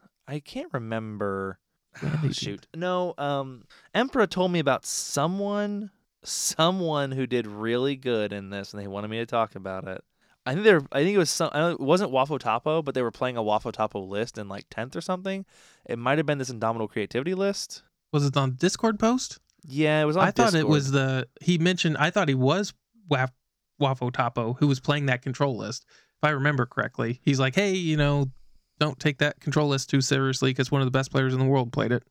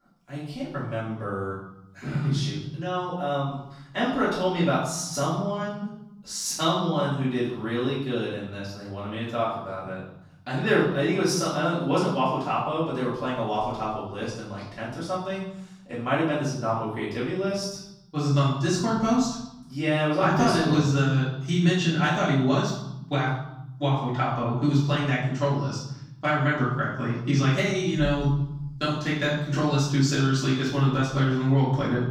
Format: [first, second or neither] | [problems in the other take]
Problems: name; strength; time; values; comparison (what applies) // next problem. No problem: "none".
first | room echo; noticeable; dies away in 0.9 s // off-mic speech; far